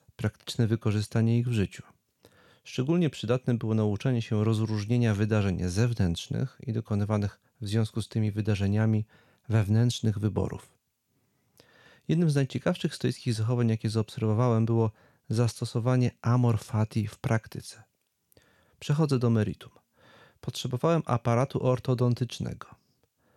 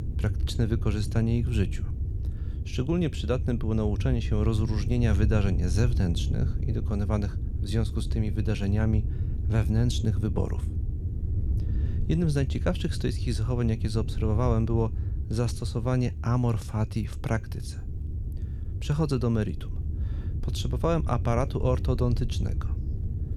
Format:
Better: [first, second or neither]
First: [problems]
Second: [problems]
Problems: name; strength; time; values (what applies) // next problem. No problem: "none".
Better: first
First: none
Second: wind noise on the microphone; occasional gusts; 15 dB below the speech